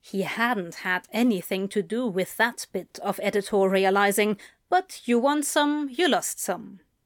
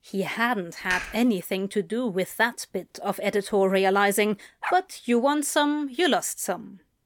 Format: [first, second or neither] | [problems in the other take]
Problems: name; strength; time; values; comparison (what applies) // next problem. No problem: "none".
first | keyboard typing; noticeable; at 1 s; peak 7 dB below the speech // dog barking; noticeable; at 4.5 s; peak 8 dB below the speech